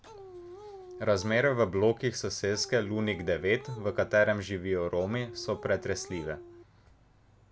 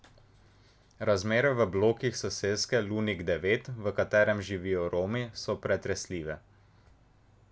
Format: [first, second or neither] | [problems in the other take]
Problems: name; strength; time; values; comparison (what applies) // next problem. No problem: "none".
second | background sound (Dog); 16 dB below the speech